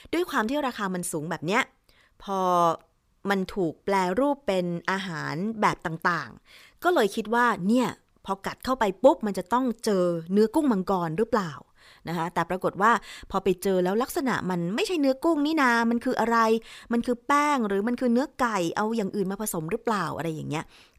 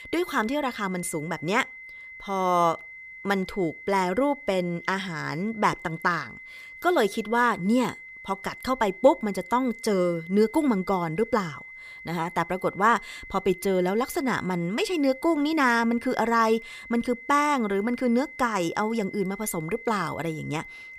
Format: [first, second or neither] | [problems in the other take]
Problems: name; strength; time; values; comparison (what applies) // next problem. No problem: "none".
first | high-pitched whine; noticeable; throughout; 2 kHz, 15 dB below the speech